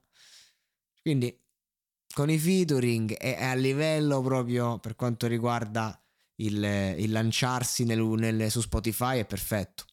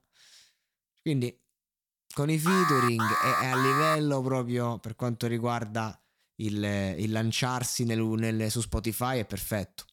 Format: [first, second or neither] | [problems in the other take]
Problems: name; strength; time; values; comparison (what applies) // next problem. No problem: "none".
first | alarm; loud; from 2.5 to 4 s; peak 4 dB above the speech